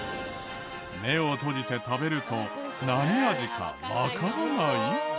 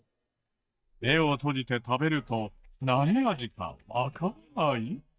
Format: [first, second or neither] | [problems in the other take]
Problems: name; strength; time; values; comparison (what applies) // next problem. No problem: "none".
first | noise reduction (neural mask model DeepFilterNet 3)